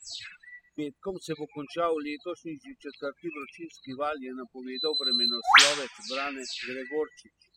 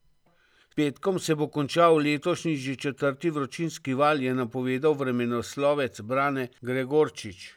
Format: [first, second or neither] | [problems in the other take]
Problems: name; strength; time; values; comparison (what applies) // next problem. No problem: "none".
second | noise reduction (classical method spectral subtraction)